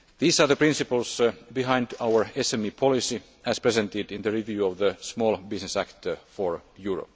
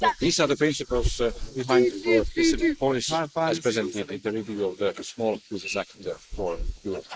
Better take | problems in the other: first | noise reduction (neural mask model Resemble Enhance denoiser)

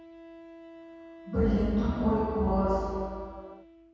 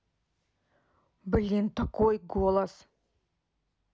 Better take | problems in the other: second | background sound (Wind instrument, woodwind instrument); 18 dB below the speech // room echo; dies away in 2.1 s

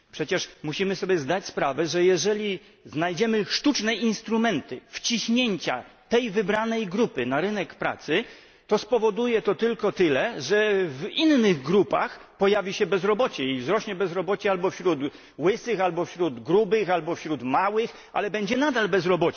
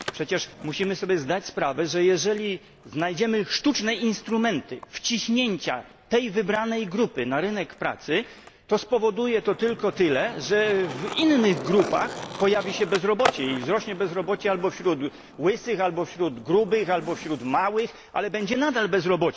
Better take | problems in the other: first | background sound (Skateboard); 14 dB below the speech

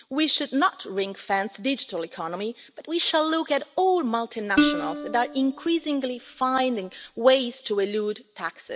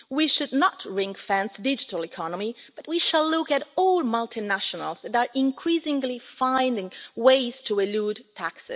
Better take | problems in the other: second | background sound (Plucked string instrument); 4 dB below the speech

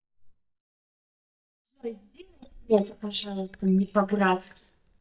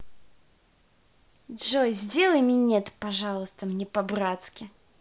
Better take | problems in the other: second | noise reduction (neural mask model DeepFilterNet 3)

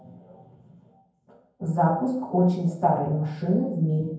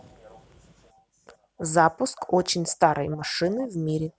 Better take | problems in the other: second | room echo; dies away in 0.9 s

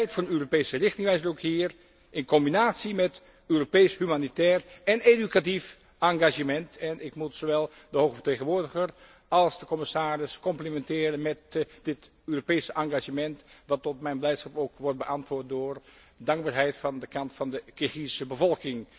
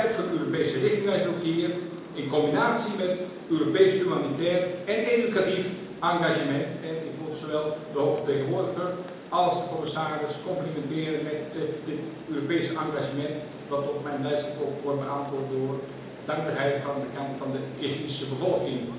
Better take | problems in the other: first | background sound (Rain); 14 dB below the speech // room echo; dies away in 1 s

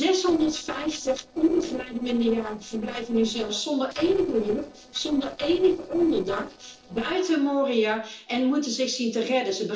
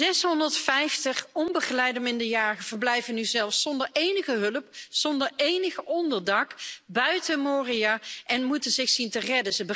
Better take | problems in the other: second | noise reduction (neural separator model SepFormer DNS4)

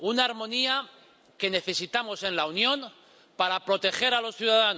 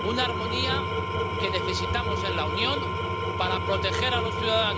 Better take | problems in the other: first | background sound (Engine / Tools); 2 dB above the speech

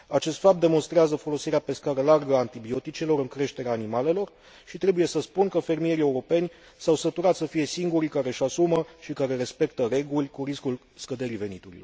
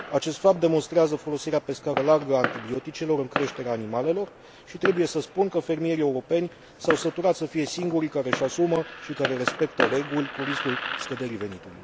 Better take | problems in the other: first | background sound (Fireworks); 9 dB below the speech

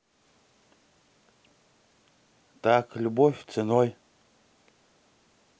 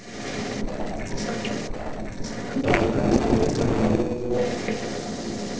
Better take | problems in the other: first | noise reduction (neural separator model SepFormer DNS4)

